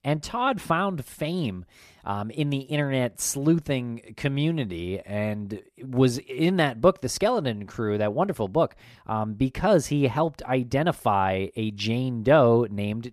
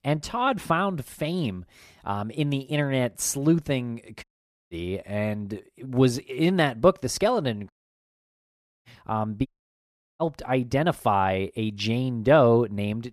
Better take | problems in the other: first | audio cutting out; at 4 s, at 7.5 s for 1 s and at 9.5 s for 0.5 s

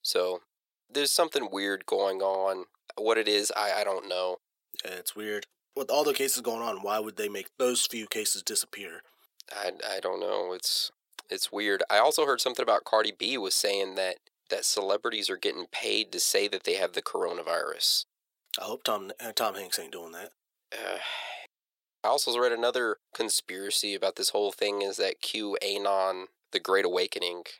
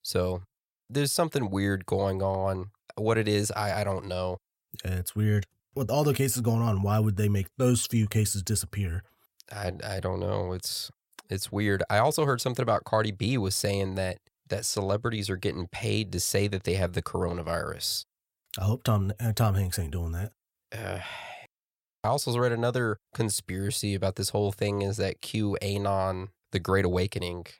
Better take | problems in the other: second | thin; very; fading below 350 Hz

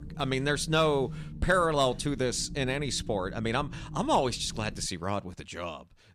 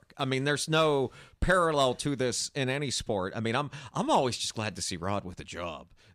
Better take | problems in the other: second | low rumble; faint; until 5 s; 25 dB below the speech

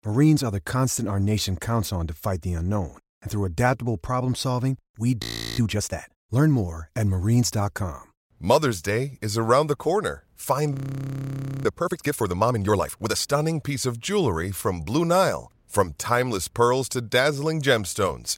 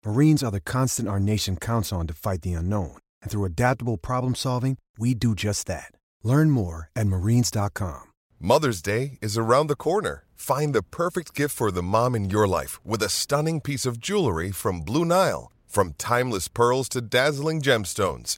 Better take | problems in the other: second | audio freezing; at 5 s and at 11 s for 1 s

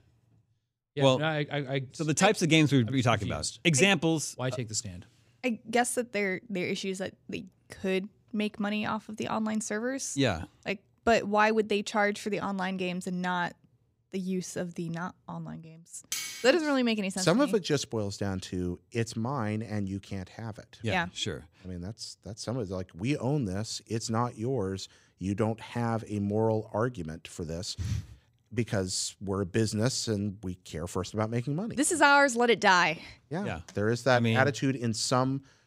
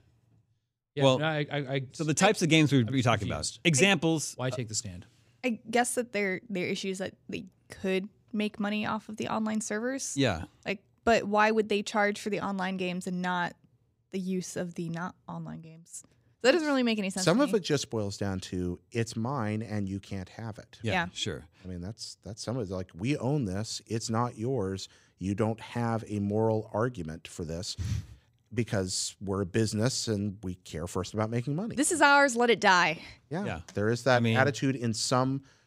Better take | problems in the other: second | clattering dishes; noticeable; at 16 s; peak 5 dB below the speech

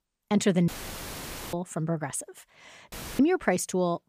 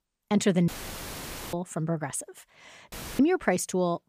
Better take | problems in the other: neither | audio cutting out; filled with static; at 0.5 s for 1 s and at 3 s; the same in both

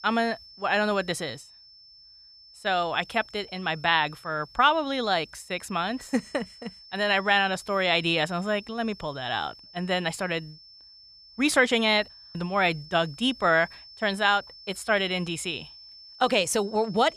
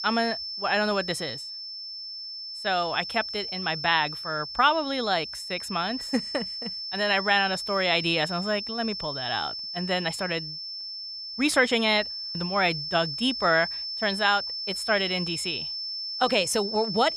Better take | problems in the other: first | high-pitched whine; loud; throughout; 5.5 kHz, 6 dB below the speech; faint in the first

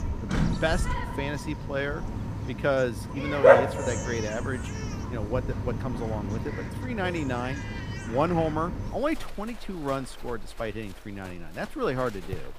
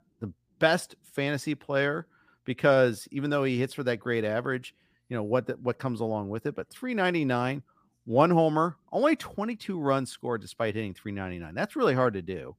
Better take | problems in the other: second | animal sounds; very loud; throughout; 2 dB above the speech

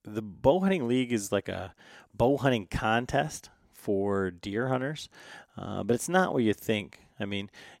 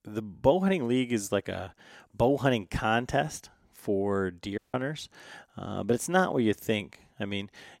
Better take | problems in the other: first | audio cutting out; at 4.5 s

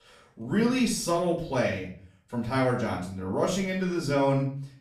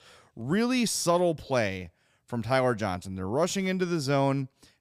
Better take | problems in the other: second | off-mic speech; far // room echo; slight; dies away in 0.4 s

